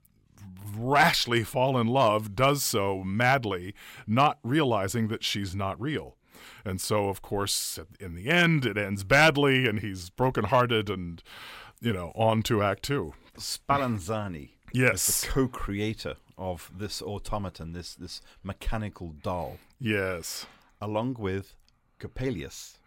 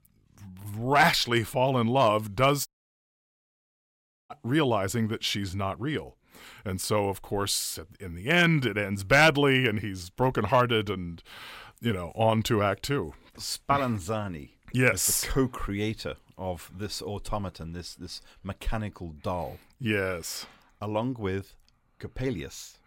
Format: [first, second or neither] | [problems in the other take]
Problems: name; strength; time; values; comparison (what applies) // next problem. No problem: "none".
first | audio cutting out; at 2.5 s for 1.5 s